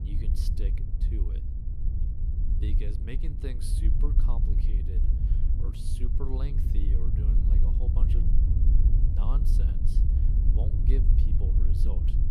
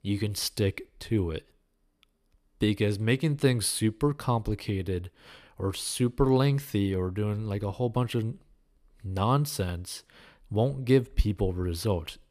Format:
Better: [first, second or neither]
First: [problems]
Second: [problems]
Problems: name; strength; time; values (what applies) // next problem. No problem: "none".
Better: second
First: wind noise on the microphone; heavy; 1 dB above the speech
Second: none